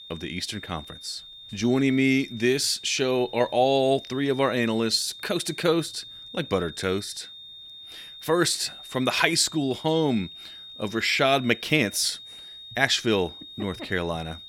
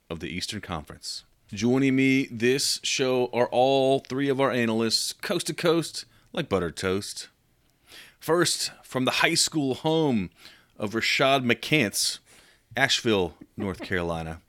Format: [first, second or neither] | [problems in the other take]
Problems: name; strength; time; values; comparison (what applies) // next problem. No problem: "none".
second | high-pitched whine; noticeable; throughout; 3.5 kHz, 15 dB below the speech